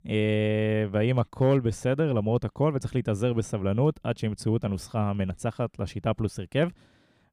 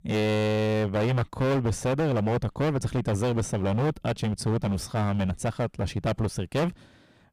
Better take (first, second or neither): first